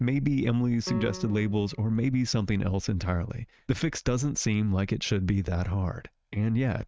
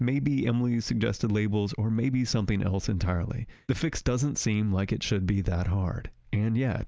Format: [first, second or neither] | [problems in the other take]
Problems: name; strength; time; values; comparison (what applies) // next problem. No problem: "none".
second | noise reduction (neural mask model RNNoise)